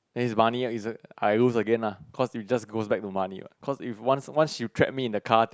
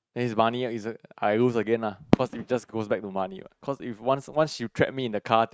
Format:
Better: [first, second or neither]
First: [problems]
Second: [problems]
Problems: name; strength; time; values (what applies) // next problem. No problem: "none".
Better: first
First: none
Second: noise reduction (neural mask model RNNoise)